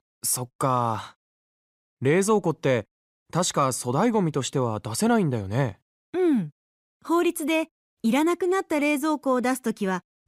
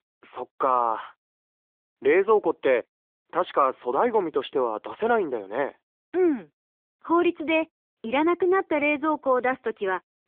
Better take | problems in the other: first | phone-call audio; nothing above 3.5 kHz

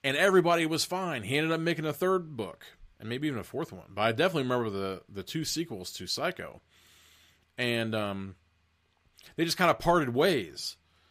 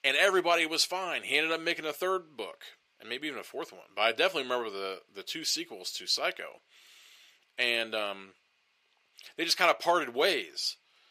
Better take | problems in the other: first | thin; somewhat; fading below 500 Hz

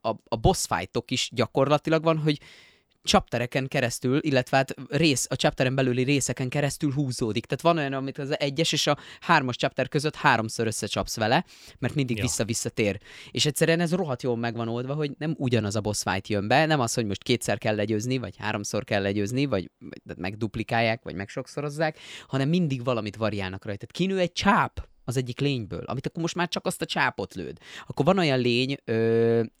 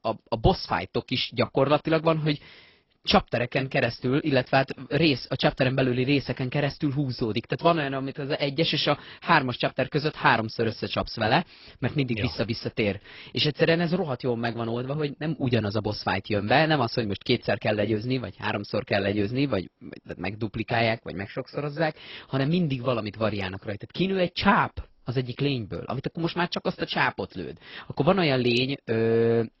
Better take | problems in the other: first | garbled, watery; badly; nothing above 5.5 kHz

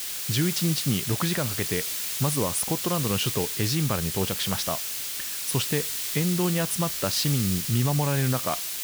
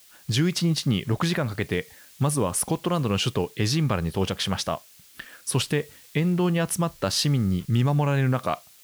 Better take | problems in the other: second | hiss; loud; throughout; 1 dB below the speech; faint in the second

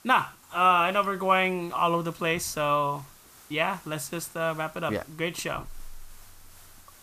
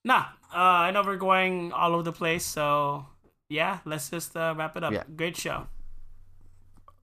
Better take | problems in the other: second | hiss; faint; throughout; 25 dB below the speech

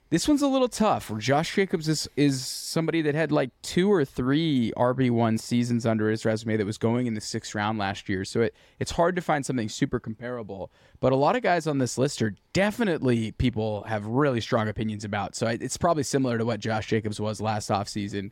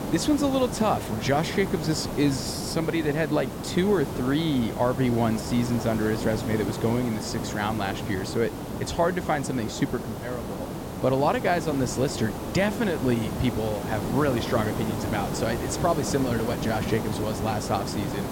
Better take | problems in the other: first | hiss; loud; throughout; 5 dB below the speech

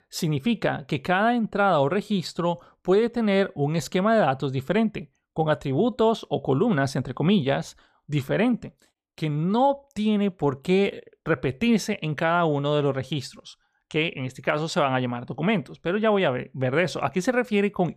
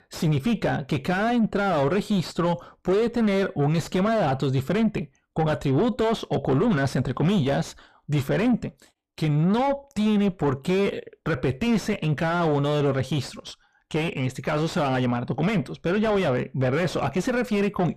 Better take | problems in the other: first | distortion; heavy; 6 dB below the speech

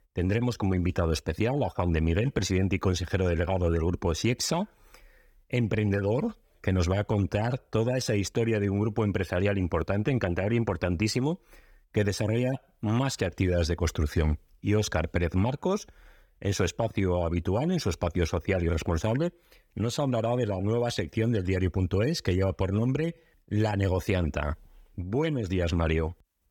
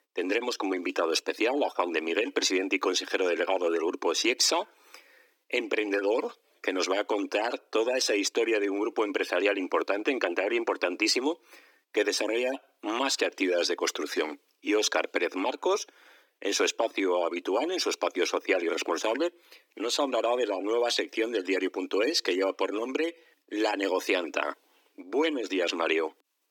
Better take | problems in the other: first | thin; somewhat; fading below 300 Hz

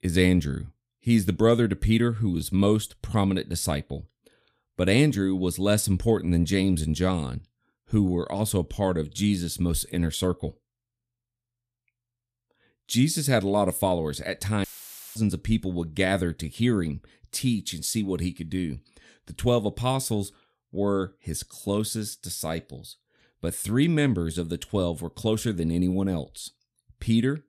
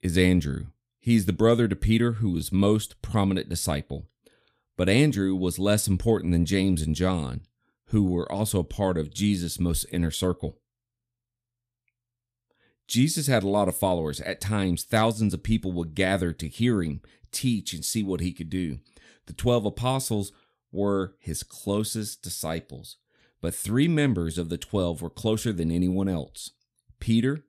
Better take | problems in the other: second | audio cutting out; filled with static; at 15 s for 0.5 s

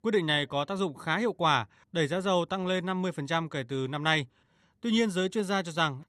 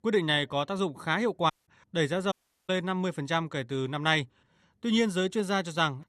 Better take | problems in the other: first | audio cutting out; at 1.5 s and at 2.5 s

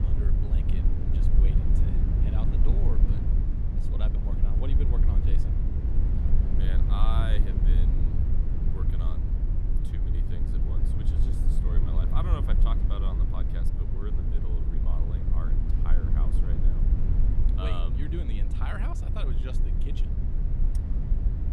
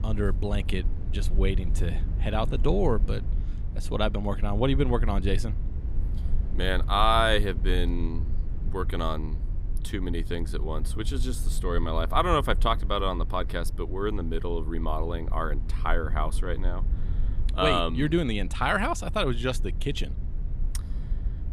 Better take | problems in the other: second | low rumble; loud; throughout; as loud as the speech; faint in the second

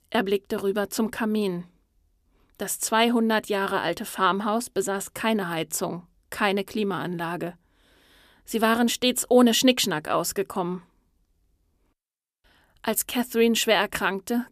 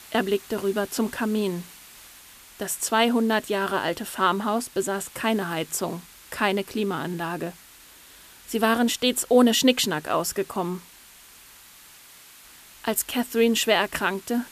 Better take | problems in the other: first | hiss; faint; throughout; 20 dB below the speech

